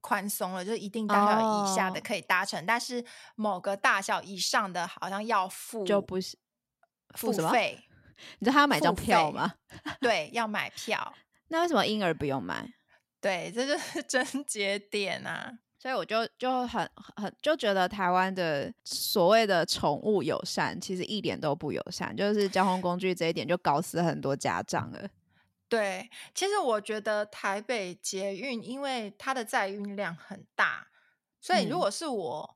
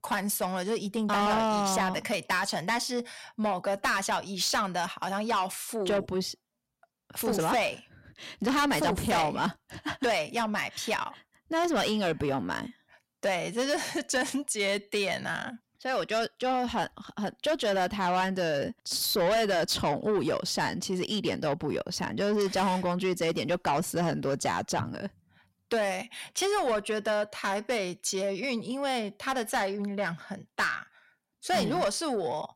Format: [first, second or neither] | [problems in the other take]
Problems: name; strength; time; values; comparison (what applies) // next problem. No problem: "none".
first | distortion; heavy; 8 dB below the speech